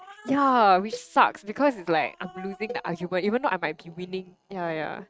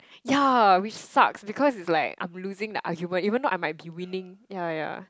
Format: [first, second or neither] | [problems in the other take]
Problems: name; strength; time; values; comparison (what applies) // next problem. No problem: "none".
second | noise reduction (neural mask model RNNoise)